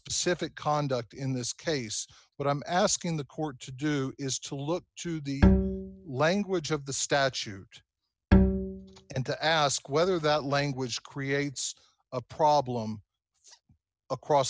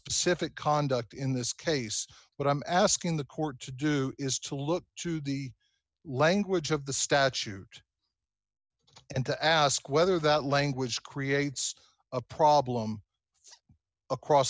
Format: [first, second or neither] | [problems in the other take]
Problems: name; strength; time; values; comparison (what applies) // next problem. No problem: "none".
second | background sound (Bowed string instrument); 5 dB above the speech